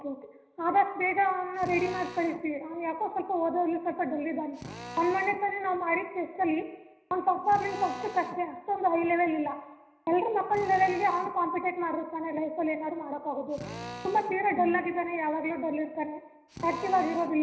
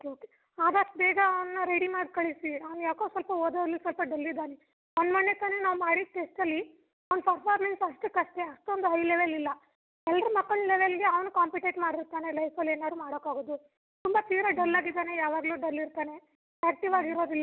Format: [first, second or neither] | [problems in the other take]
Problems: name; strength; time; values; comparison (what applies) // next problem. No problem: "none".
second | background sound (Drill); 17 dB below the speech // room echo; dies away in 0.9 s